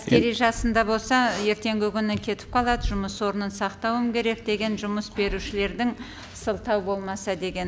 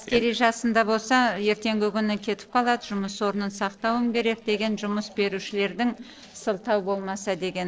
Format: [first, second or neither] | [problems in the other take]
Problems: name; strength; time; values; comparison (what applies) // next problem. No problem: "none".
first | noise reduction (neural separator model SepFormer DNS4)